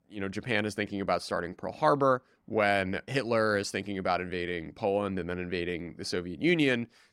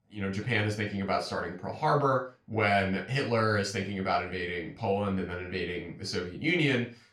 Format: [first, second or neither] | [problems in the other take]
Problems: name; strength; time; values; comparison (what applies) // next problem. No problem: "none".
first | room echo; slight; dies away in 0.3 s // off-mic speech; far